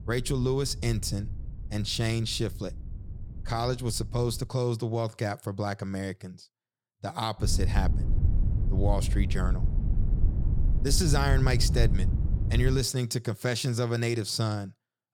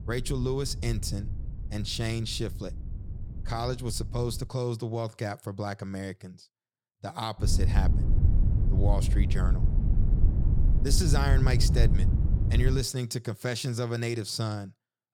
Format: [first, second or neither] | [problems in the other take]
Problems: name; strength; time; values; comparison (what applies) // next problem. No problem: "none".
first | wind noise on the microphone; heavy; until 4.5 s and from 7.5 to 13 s; 8 dB below the speech; occasional gusts in the first